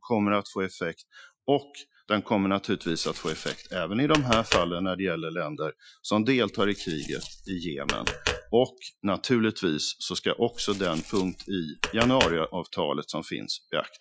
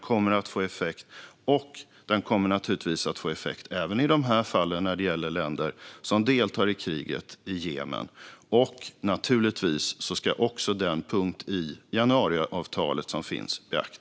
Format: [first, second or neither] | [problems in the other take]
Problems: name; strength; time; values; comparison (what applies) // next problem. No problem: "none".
second | noise reduction (classical method Wiener filter)